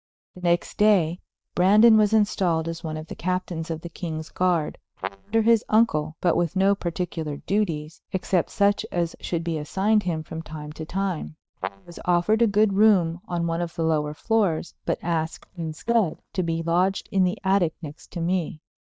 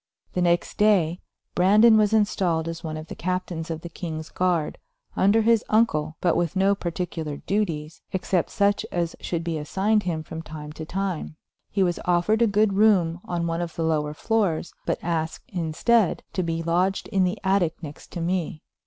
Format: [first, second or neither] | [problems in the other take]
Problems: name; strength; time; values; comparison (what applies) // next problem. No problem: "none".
second | noise reduction (neural mask model DeepFilterNet 3)